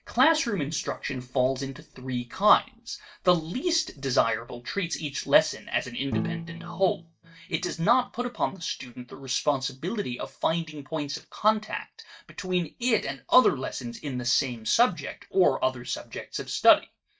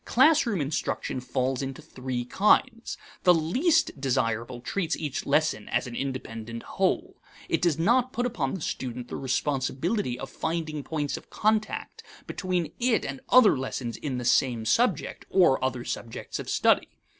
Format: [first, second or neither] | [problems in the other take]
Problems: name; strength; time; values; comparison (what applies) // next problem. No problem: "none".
second | noise reduction (neural mask model DeepFilterNet 3)